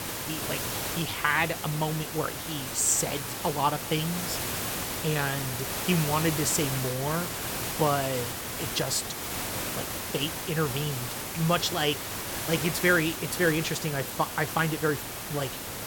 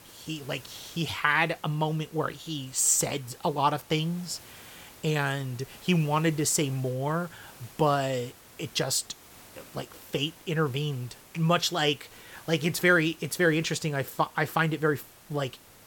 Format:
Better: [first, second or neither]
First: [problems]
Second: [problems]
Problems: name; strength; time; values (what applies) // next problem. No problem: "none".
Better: second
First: hiss; loud; throughout; 3 dB below the speech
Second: hiss; faint; throughout; 20 dB below the speech